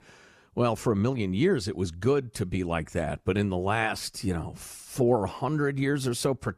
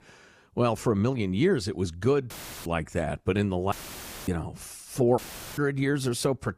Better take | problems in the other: first | audio cutting out; filled with static; at 2.5 s, at 3.5 s for 0.5 s and at 5 s

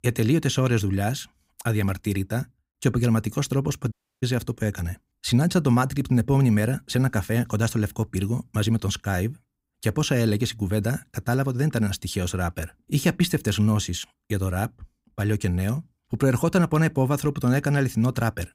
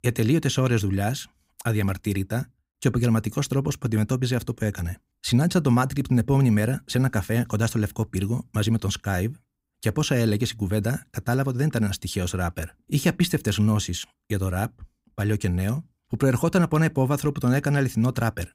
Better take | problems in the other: second | audio cutting out; at 4 s

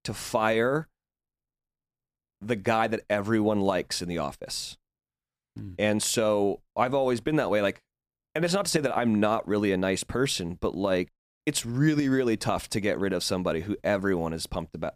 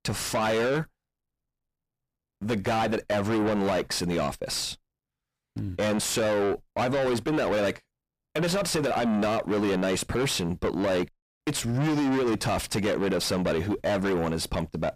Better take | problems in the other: first | distortion; heavy; 5 dB below the speech

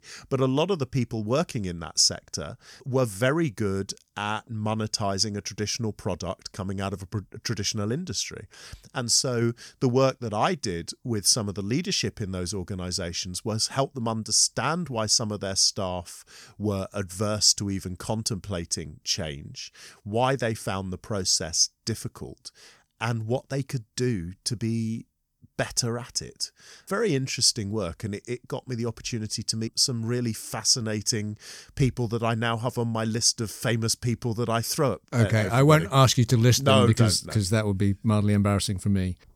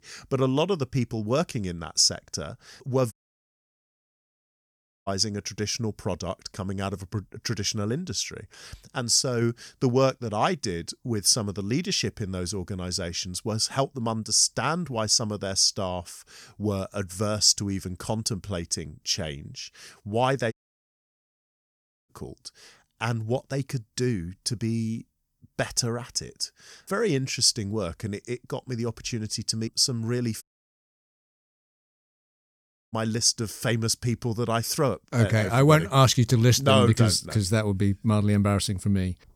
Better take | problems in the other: first | audio cutting out; at 3 s for 2 s, at 21 s for 1.5 s and at 30 s for 2.5 s

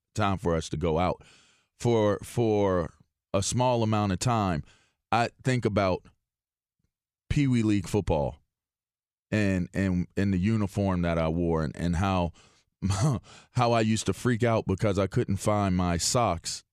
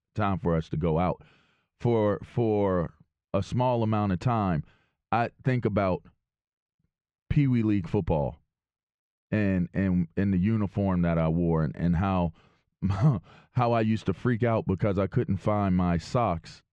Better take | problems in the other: first | muffled; very; fading above 2.5 kHz

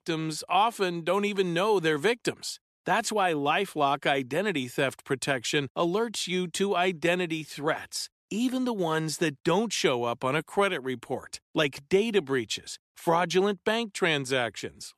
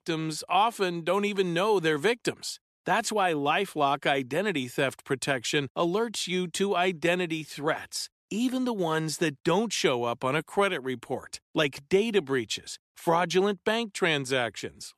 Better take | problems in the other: neither | none

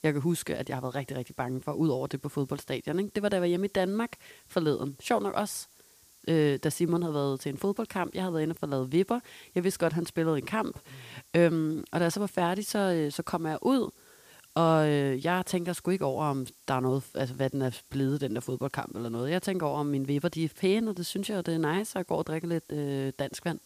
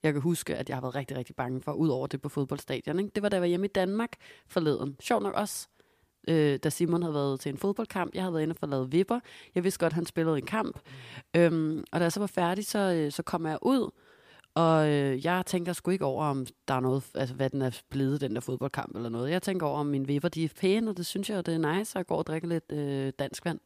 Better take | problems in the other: second | hiss; faint; throughout; 25 dB below the speech

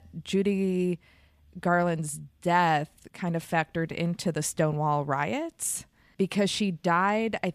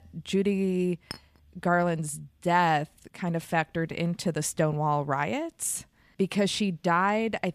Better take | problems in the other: first | clattering dishes; faint; at 1 s; peak 15 dB below the speech

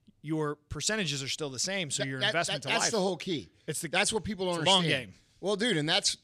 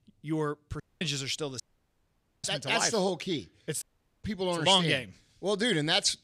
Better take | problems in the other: first | audio cutting out; at 1 s, at 1.5 s for 1 s and at 4 s

